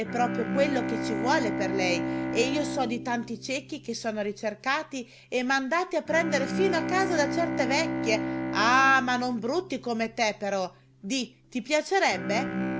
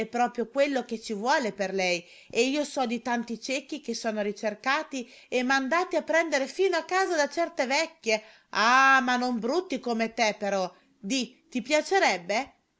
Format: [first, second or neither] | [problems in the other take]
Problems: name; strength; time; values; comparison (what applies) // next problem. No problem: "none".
second | background sound (Bowed string instrument); 5 dB below the speech